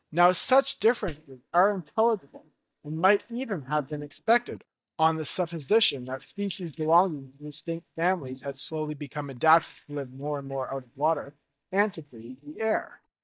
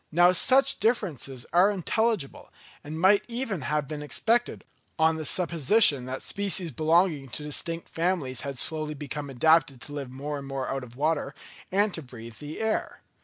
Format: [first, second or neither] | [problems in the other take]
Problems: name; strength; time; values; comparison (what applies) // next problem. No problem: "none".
second | noise reduction (neural mask model DeepFilterNet 3)